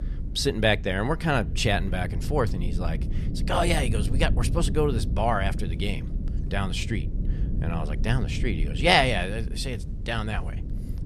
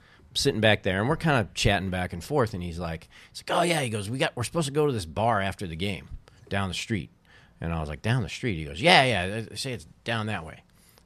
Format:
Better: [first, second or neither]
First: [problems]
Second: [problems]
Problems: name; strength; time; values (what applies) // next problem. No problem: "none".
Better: second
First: low rumble; noticeable; throughout; 15 dB below the speech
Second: none